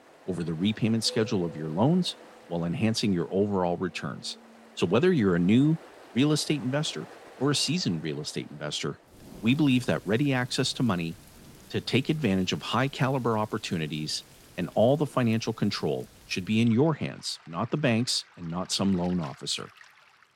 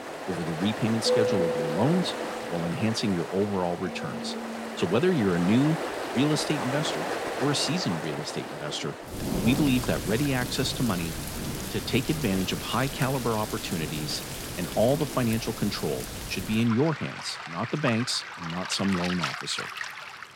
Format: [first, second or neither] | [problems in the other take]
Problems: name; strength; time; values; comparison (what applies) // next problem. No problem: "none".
first | rain or running water; loud; throughout; 5 dB below the speech; faint in the first